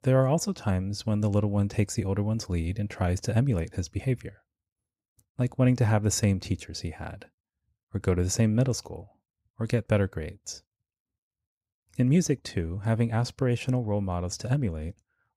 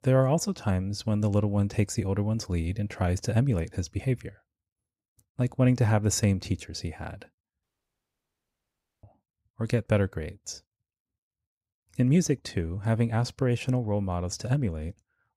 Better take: first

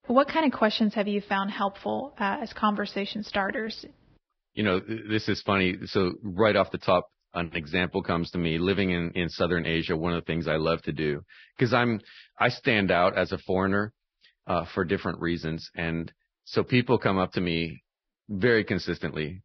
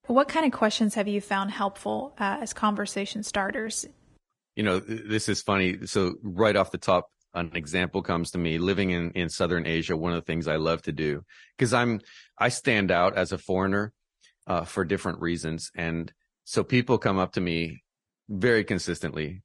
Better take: second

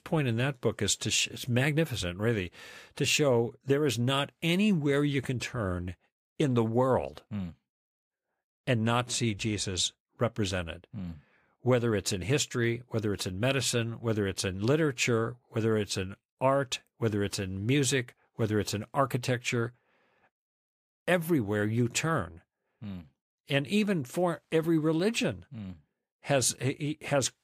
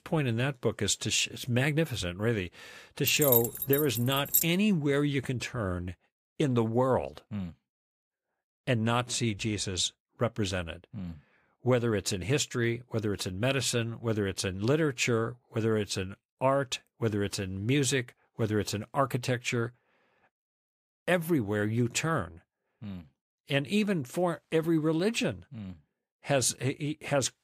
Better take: first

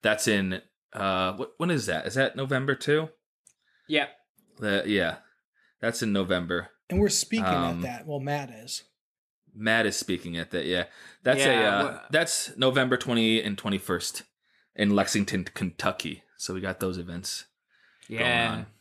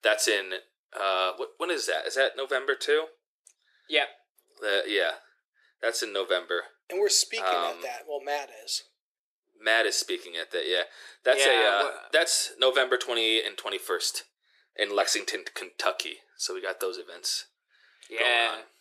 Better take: first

